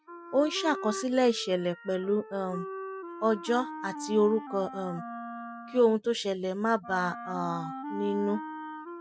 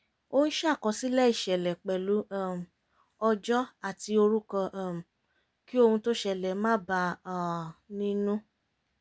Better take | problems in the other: second | noise reduction (classical method spectral subtraction)

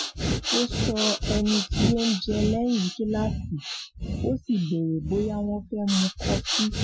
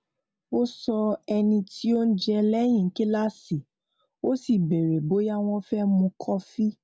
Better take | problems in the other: second | noise reduction (classical method Wiener filter)

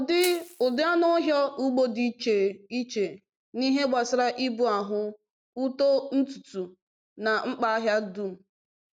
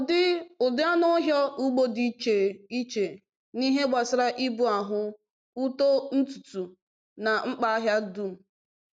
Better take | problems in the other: second | background sound (Crushing); 15 dB below the speech

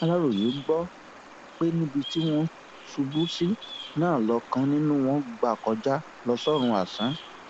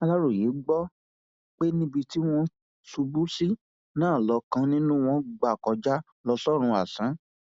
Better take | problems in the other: second | background sound (Bird vocalization, bird call, bird song); 16 dB below the speech

